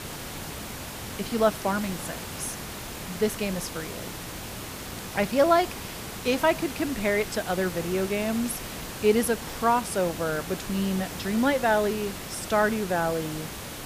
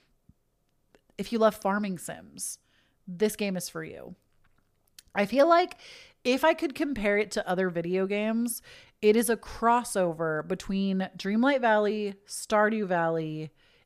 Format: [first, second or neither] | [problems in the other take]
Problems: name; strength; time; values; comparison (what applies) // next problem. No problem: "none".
second | hiss; loud; throughout; 9 dB below the speech